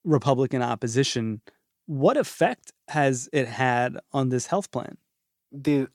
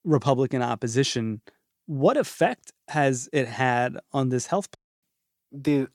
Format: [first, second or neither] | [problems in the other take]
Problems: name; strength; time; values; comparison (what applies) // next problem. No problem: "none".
first | audio cutting out; at 5 s